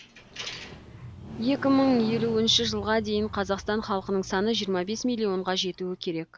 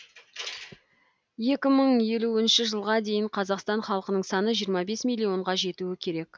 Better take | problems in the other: second | background sound (Motorcycle); 14 dB below the speech

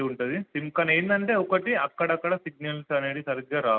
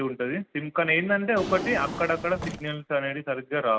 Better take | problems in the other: first | background sound (Drawer open or close); 10 dB below the speech

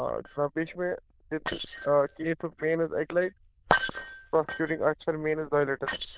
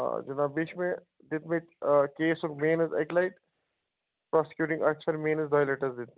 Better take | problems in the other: second | noise reduction (neural diffusion model UNIVERSE++)

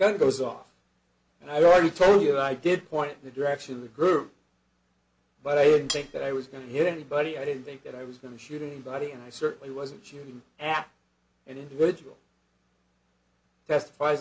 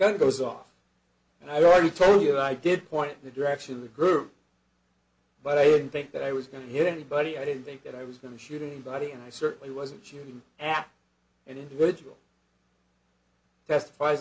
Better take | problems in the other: second | background sound (Cutlery, silverware); 10 dB below the speech

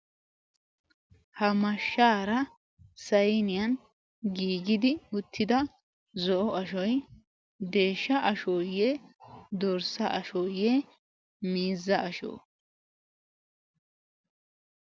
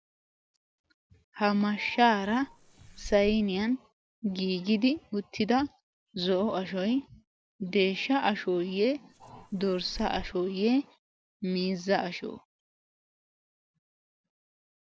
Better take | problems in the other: first | background sound (Fireworks); 14 dB below the speech

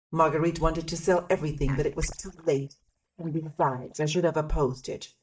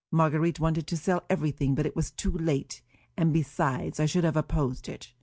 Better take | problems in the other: second | noise reduction (neural mask model DeepFilterNet 3)

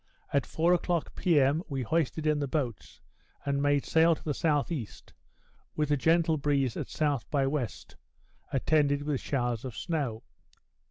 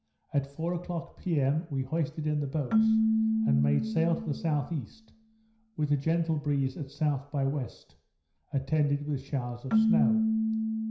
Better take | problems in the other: first | background sound (Keyboard (musical)); 2 dB below the speech // room echo; dies away in 0.5 s

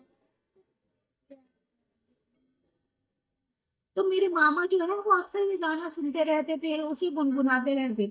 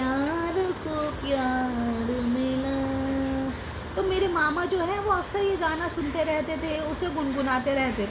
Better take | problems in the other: second | noise reduction (neural mask model DeepFilterNet 3)

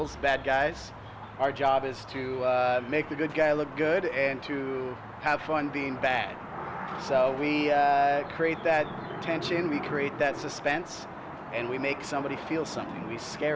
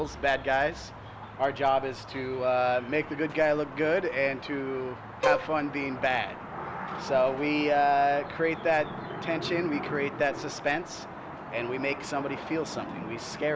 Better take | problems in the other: first | background sound (Bowed string instrument); 3 dB below the speech

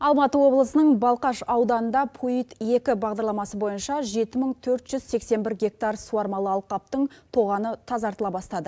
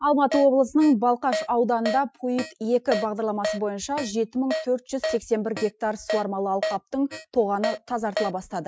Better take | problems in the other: first | noise reduction (classical method Wiener filter)

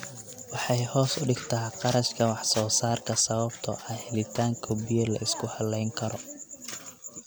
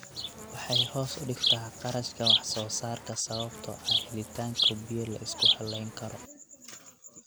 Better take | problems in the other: first | background sound (Insect); 5 dB above the speech

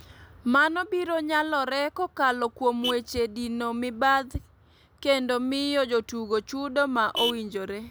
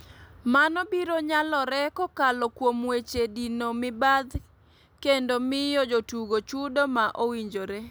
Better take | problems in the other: second | background sound (Vehicle horn, car horn, honking); 15 dB below the speech

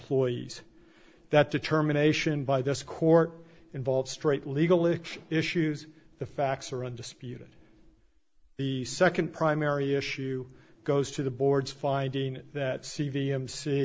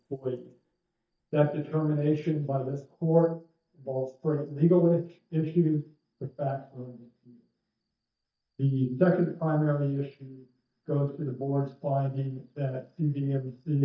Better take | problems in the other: first | noise reduction (neural mask model DeepFilterNet 3)

